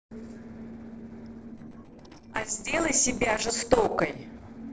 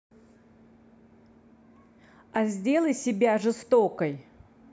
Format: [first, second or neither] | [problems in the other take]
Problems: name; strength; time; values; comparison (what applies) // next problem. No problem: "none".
second | noise reduction (neural separator model SepFormer DNS4)